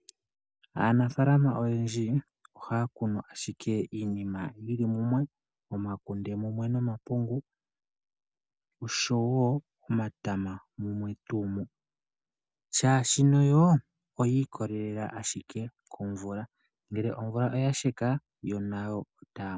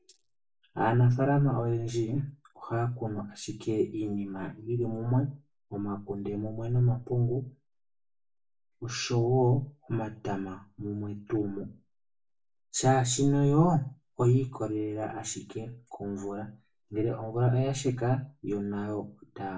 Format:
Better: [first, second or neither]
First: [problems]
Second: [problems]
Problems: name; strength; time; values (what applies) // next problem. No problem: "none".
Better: first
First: none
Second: room echo; dies away in 0.3 s